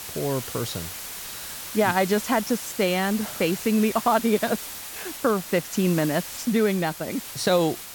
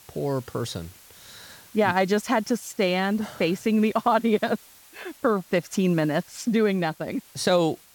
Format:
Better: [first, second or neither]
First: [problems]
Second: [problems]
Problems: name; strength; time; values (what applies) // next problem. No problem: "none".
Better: second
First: hiss; loud; throughout; 9 dB below the speech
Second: hiss; faint; throughout; 25 dB below the speech